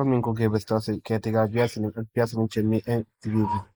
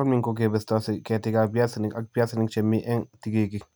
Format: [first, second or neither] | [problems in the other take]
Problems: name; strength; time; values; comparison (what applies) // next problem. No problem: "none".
second | noise reduction (neural mask model Resemble Enhance denoiser)